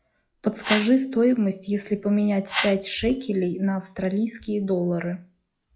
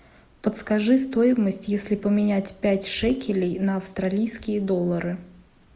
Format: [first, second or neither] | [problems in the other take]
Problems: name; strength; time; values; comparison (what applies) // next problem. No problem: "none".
second | noise reduction (classical method log-MMSE)